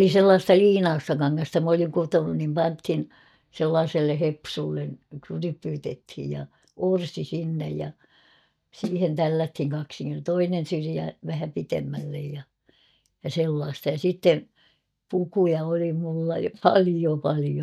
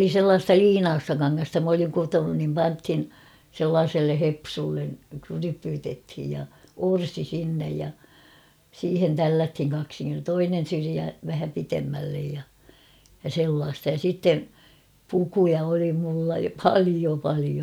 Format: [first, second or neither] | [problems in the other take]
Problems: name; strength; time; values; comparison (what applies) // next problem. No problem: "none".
second | noise reduction (neural mask model DeepFilterNet 3)